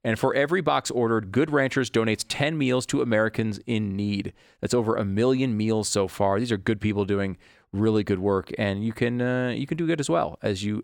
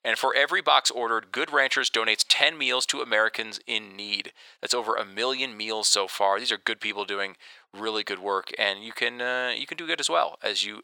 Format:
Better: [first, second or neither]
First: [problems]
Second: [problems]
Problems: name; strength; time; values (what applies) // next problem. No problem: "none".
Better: first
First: none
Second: thin; very; fading below 850 Hz